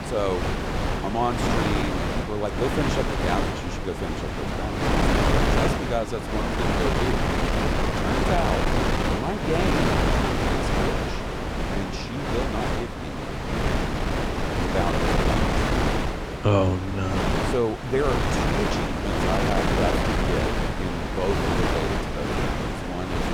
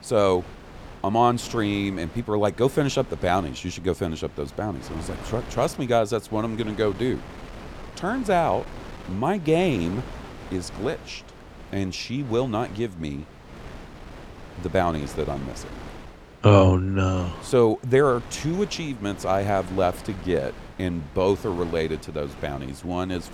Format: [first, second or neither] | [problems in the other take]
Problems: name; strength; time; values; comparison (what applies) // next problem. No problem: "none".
second | wind noise on the microphone; heavy; 4 dB above the speech; occasional gusts in the second